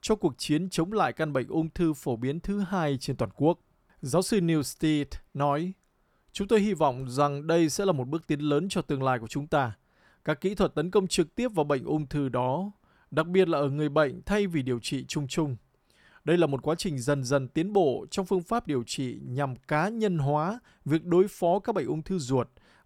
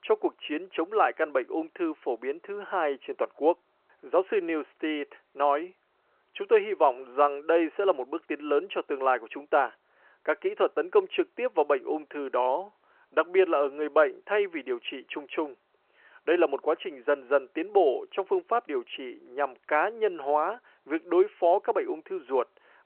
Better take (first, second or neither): first